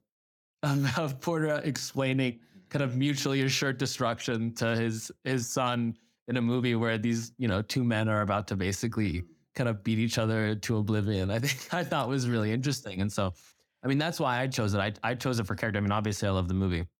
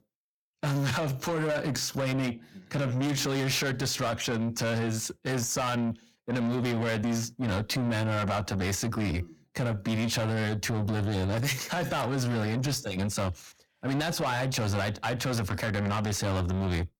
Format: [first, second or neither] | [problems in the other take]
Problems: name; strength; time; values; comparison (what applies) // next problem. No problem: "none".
first | distortion; heavy; 7 dB below the speech